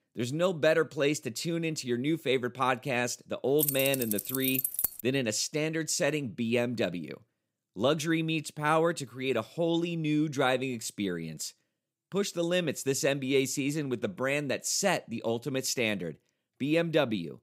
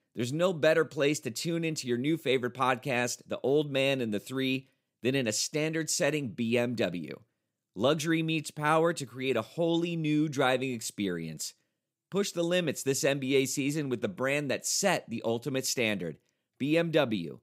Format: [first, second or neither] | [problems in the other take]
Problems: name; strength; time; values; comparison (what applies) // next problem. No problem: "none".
second | jangling keys; loud; from 3.5 to 5 s; peak 1 dB above the speech